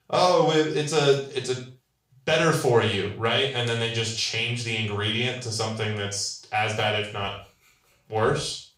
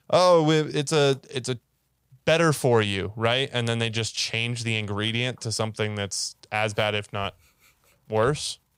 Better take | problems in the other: second | room echo; noticeable; dies away in 0.4 s // off-mic speech; far

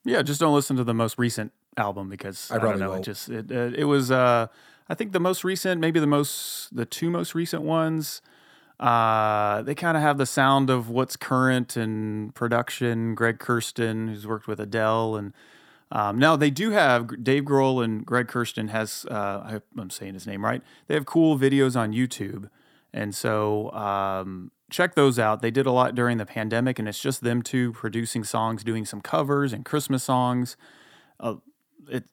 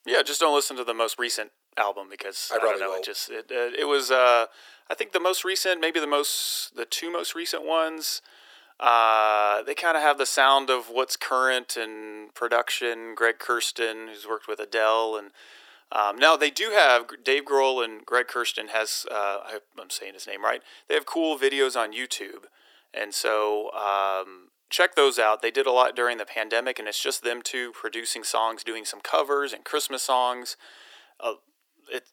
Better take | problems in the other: first | thin; very; fading below 400 Hz

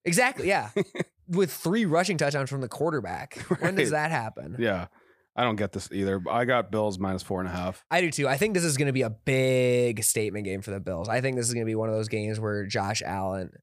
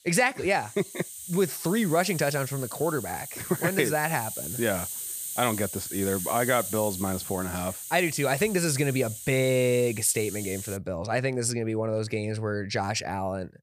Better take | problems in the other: first | hiss; loud; until 11 s; 7 dB below the speech

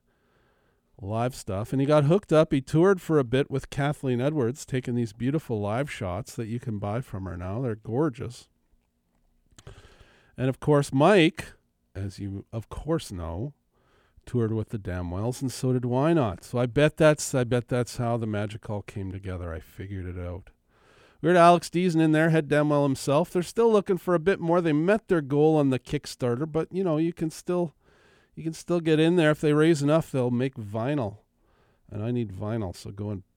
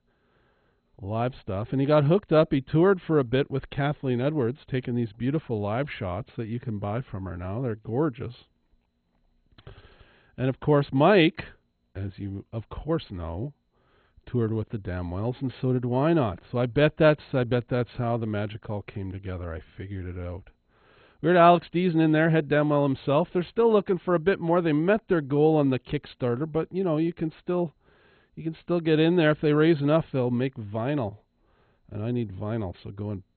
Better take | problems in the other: first | garbled, watery; badly; nothing above 4 kHz

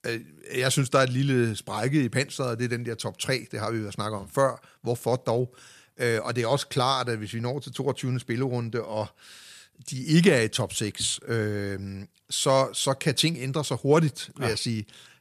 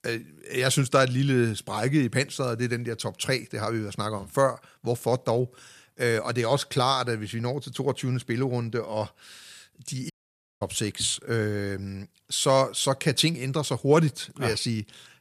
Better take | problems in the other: first | audio cutting out; at 10 s for 0.5 s

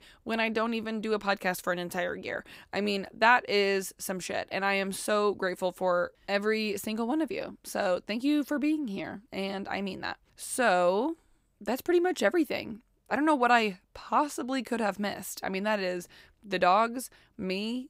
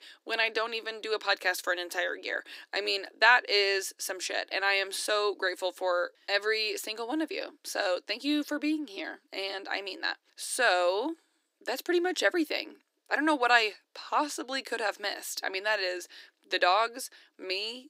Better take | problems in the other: first | thin; somewhat; fading below 300 Hz

